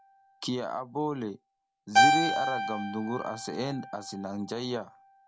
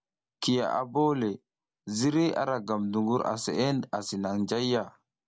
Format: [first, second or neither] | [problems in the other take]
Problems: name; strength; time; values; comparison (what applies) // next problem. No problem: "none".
second | background sound (Keyboard (musical)); 3 dB above the speech